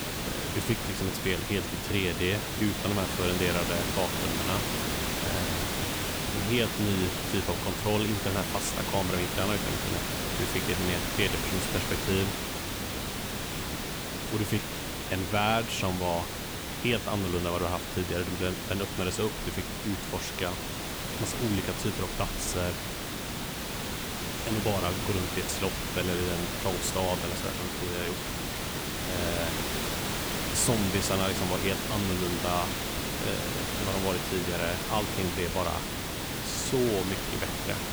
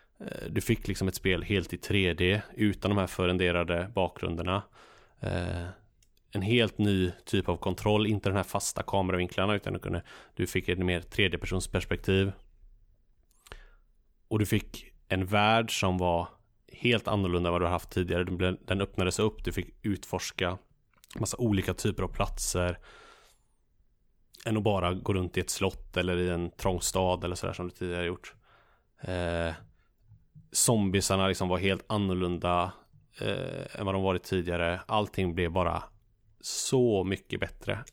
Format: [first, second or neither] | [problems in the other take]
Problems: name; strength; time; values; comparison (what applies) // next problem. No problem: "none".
second | hiss; loud; throughout; as loud as the speech